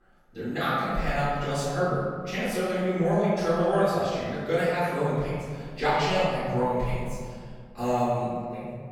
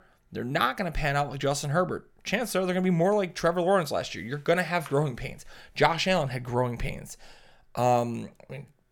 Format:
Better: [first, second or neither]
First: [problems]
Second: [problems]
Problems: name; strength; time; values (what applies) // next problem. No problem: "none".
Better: second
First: off-mic speech; far // room echo; strong; dies away in 1.8 s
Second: none